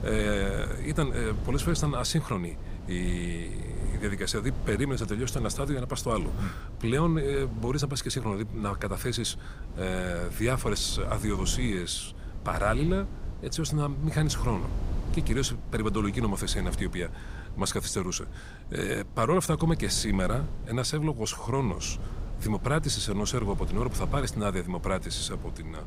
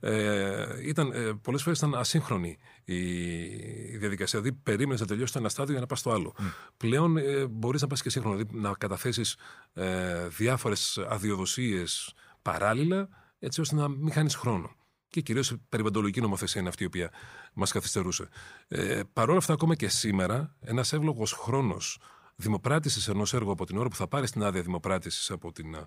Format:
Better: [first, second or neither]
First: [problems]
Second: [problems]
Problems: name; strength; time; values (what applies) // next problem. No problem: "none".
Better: second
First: wind noise on the microphone; occasional gusts; 15 dB below the speech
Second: none